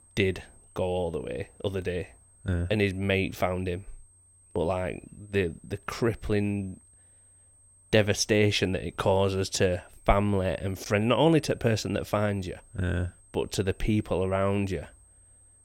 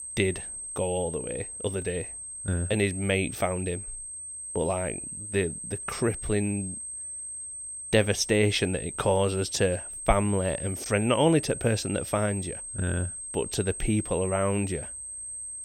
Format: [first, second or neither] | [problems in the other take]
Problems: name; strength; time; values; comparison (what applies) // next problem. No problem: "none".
first | high-pitched whine; loud; throughout; 8.5 kHz, 7 dB below the speech; faint in the first